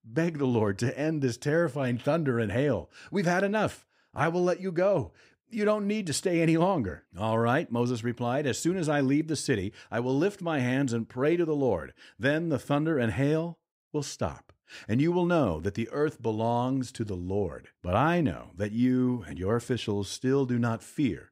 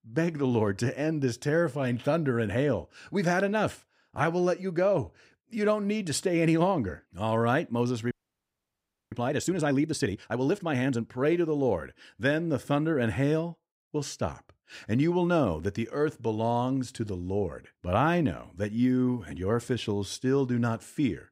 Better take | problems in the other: first | audio freezing; at 8 s for 1 s

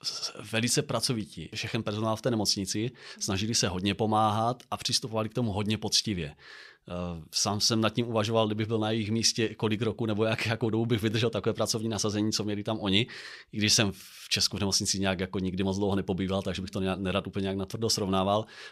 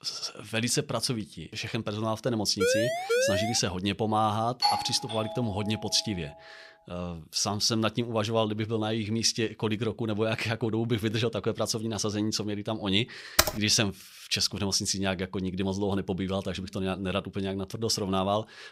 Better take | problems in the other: first | siren; loud; at 2.5 s; peak 3 dB above the speech // doorbell; loud; at 4.5 s; peak 2 dB above the speech // keyboard typing; loud; at 13 s; peak 4 dB above the speech

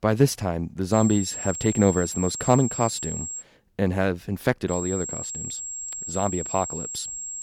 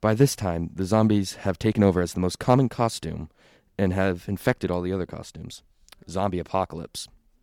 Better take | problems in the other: second | high-pitched whine; loud; from 1 to 3.5 s and from 4.5 s on; 7.5 kHz, 6 dB below the speech

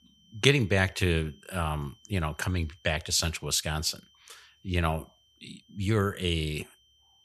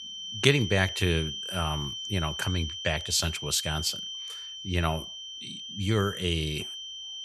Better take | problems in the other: first | high-pitched whine; loud; throughout; 3 kHz, 7 dB below the speech; faint in the first

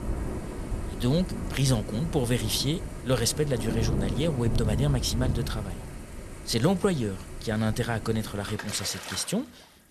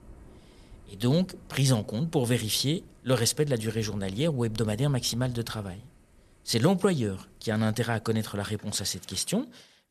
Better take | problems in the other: second | rain or running water; loud; throughout; 7 dB below the speech; faint in the second

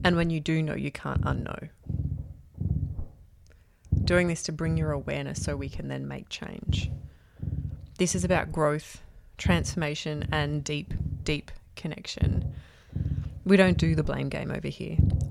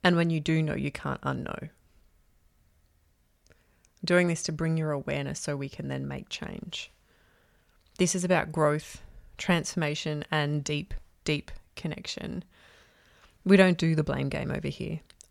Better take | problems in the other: second | low rumble; noticeable; throughout; 15 dB below the speech

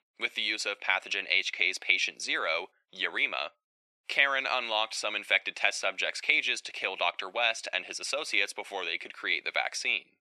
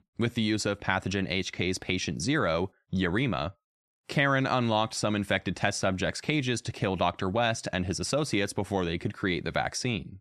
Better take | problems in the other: second | thin; very; fading below 500 Hz

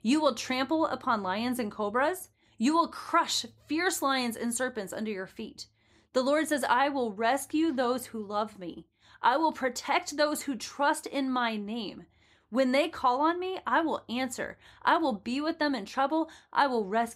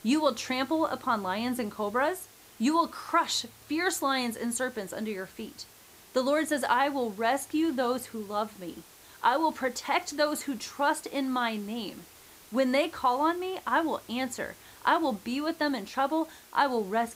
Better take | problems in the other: first | hiss; faint; throughout; 20 dB below the speech

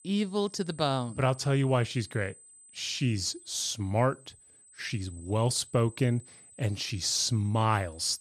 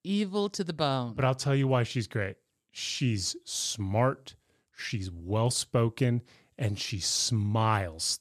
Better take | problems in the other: second | high-pitched whine; faint; throughout; 8 kHz, 20 dB below the speech

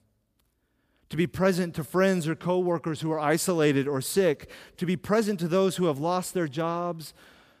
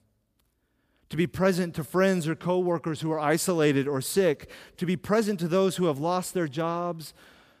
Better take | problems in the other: neither | none

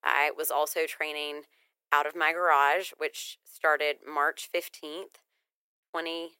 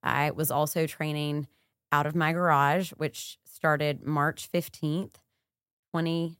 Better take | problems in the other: second | thin; very; fading below 400 Hz

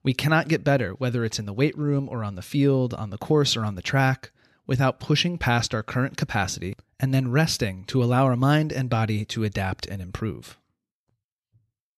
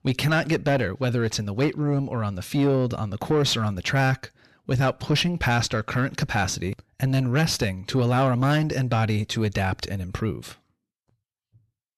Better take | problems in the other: first | distortion; slight; 9 dB below the speech

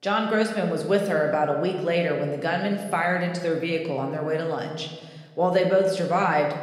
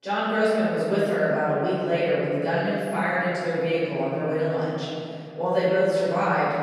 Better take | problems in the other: first | room echo; strong; dies away in 2.8 s; slight in the first // off-mic speech; far

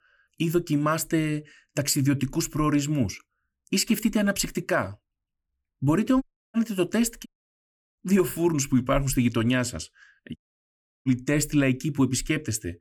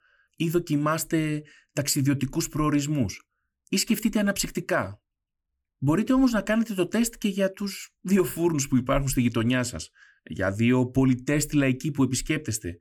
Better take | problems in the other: second | audio cutting out; at 6 s, at 7.5 s for 0.5 s and at 10 s for 0.5 s

